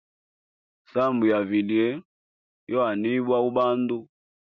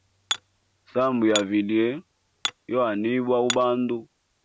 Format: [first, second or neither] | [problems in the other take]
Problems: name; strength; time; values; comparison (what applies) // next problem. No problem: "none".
first | background sound (Hammer); 11 dB below the speech